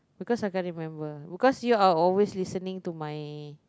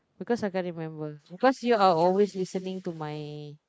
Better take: first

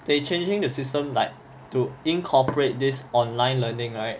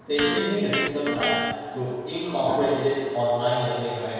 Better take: first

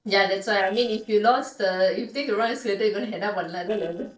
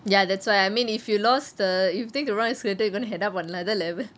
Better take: second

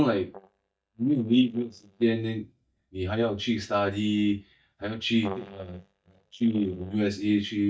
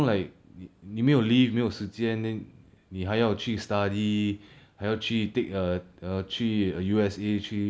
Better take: second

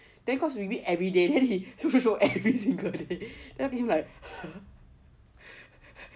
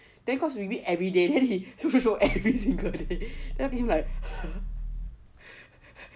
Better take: first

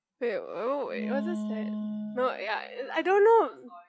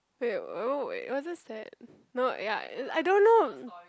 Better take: second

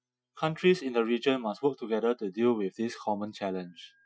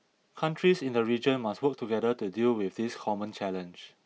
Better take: second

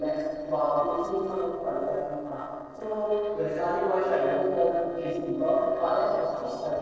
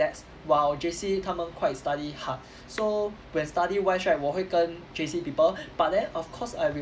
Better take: second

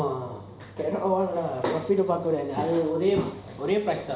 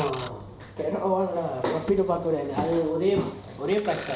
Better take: first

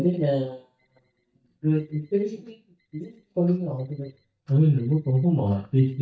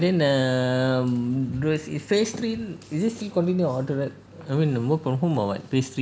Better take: second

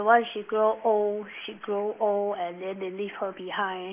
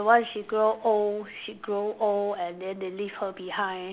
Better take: second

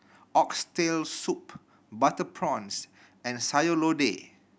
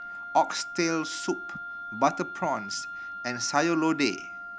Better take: first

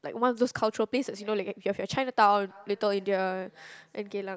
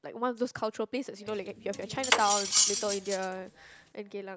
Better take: first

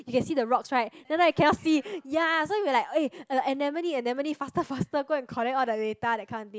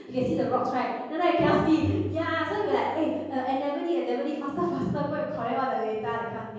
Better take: first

